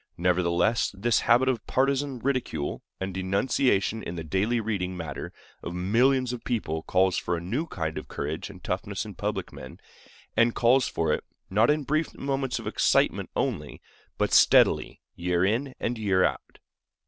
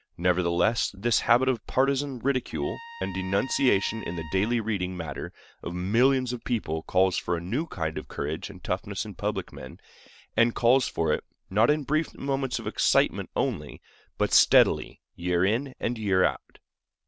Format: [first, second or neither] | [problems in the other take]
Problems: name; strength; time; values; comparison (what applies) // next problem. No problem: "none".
first | background sound (Trumpet); 16 dB below the speech